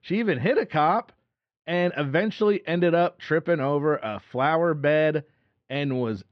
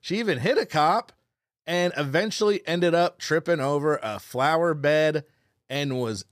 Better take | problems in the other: second | muffled; very; fading above 3 kHz

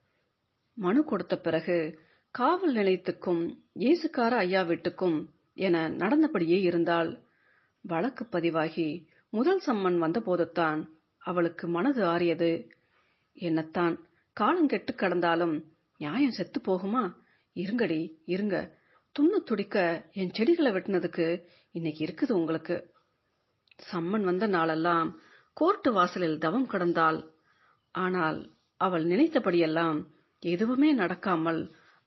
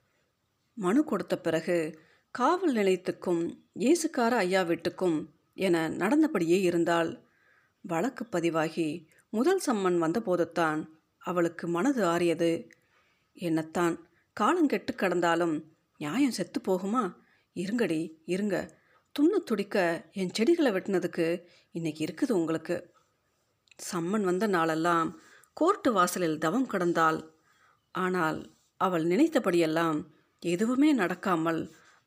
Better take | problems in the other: second | garbled, watery; slightly; nothing above 5.5 kHz

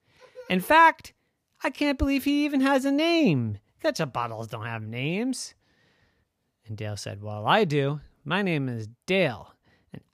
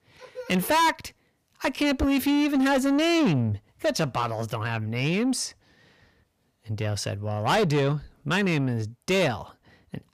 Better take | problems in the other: first | distortion; heavy; 7 dB below the speech

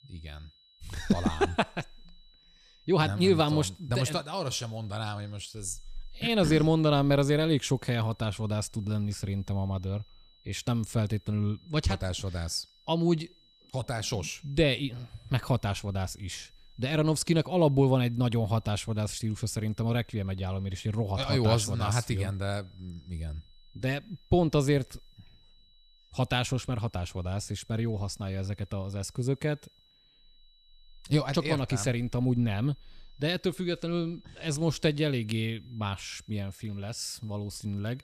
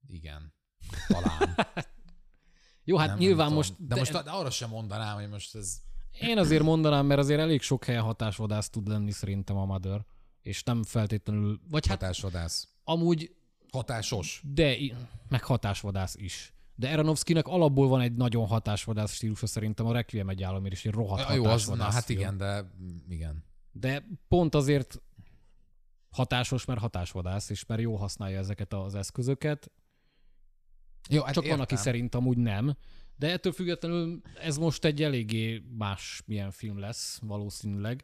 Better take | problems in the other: second | high-pitched whine; faint; throughout; 4 kHz, 30 dB below the speech

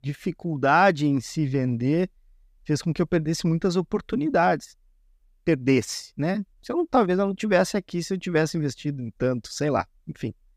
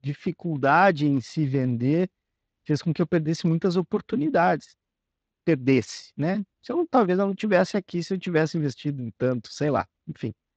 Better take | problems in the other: first | garbled, watery; slightly

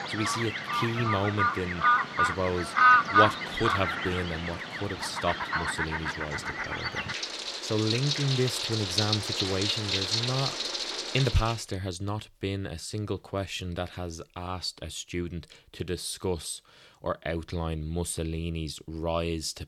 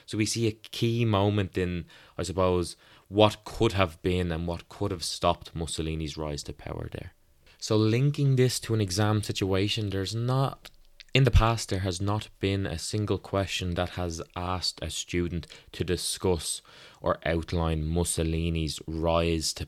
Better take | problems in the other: second | animal sounds; very loud; until 11 s; 4 dB above the speech

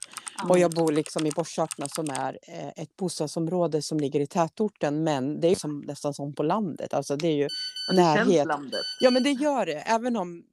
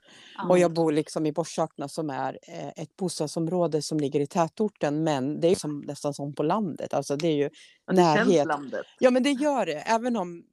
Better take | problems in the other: second | keyboard typing; noticeable; until 2 s; peak 9 dB below the speech // phone ringing; noticeable; from 7.5 to 9.5 s; peak 4 dB below the speech

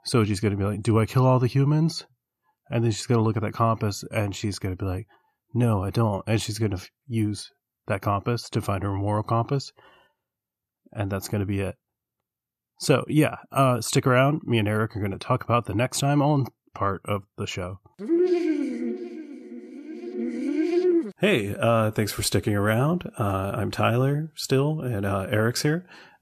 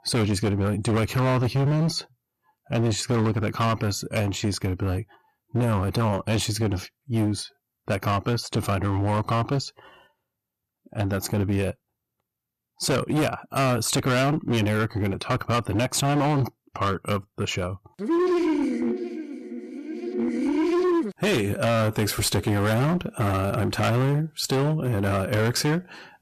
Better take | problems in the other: first | distortion; heavy; 18% of the sound clipped

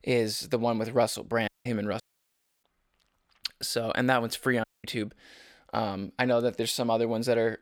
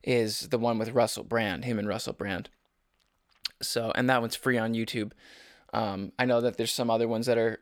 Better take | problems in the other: second | audio cutting out; at 1.5 s, at 2 s for 0.5 s and at 4.5 s

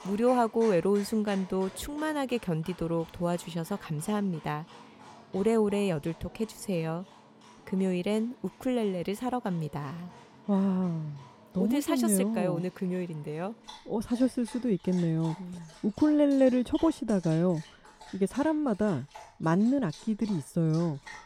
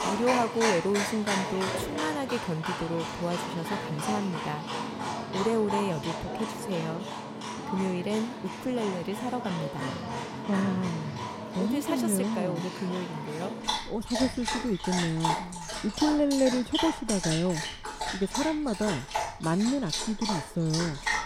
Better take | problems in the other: first | animal sounds; loud; throughout; 3 dB below the speech; faint in the first

